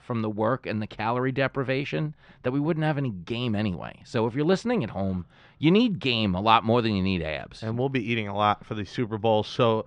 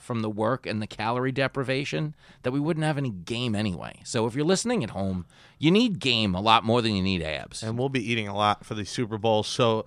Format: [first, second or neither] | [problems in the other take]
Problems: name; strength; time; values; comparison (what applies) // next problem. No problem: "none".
second | muffled; slightly; fading above 3 kHz